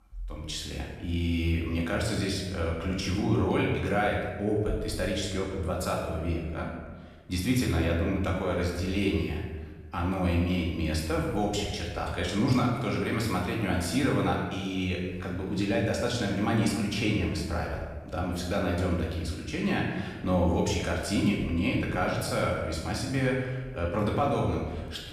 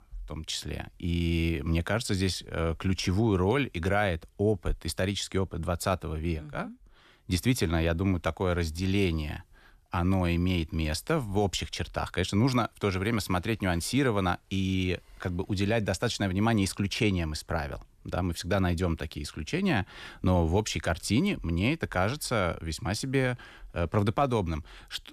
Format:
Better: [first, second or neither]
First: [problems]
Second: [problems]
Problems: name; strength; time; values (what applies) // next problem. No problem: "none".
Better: second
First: room echo; noticeable; dies away in 1.1 s // off-mic speech; far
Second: none